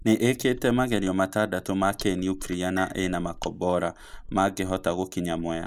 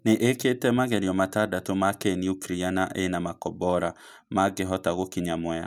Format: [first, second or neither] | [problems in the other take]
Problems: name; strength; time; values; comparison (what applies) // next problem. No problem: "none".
second | noise reduction (neural mask model Resemble Enhance denoiser)